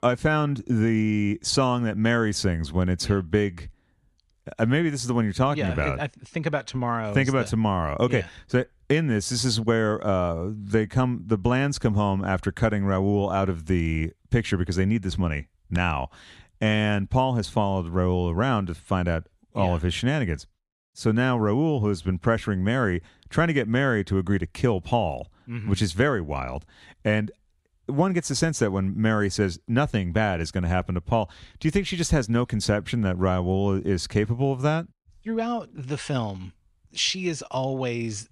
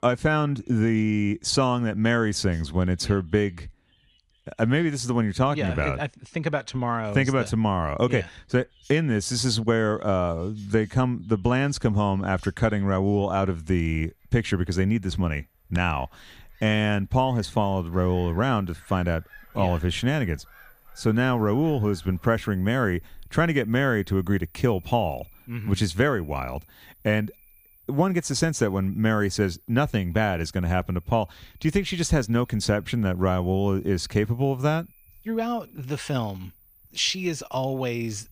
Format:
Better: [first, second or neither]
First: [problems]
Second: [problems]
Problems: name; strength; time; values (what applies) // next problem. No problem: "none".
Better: first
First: none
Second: animal sounds; faint; throughout; 30 dB below the speech